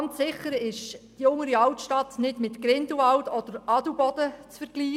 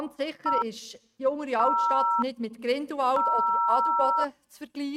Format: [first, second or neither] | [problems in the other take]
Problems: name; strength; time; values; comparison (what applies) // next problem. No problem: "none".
first | noise reduction (neural mask model RNNoise)